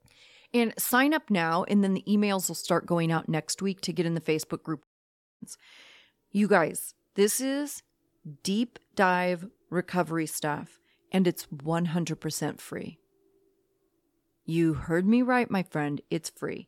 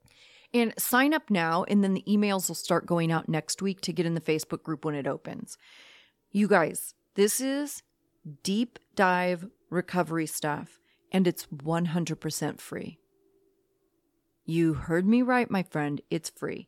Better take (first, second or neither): second